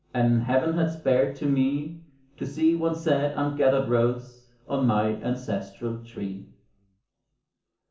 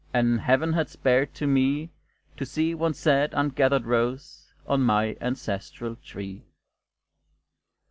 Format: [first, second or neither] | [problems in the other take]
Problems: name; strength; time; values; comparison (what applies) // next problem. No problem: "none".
second | room echo; dies away in 0.7 s